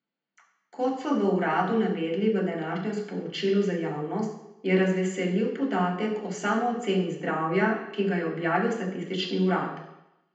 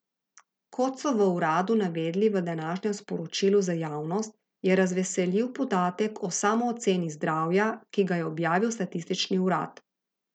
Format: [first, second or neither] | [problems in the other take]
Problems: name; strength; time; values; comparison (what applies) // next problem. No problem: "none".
second | room echo; dies away in 0.8 s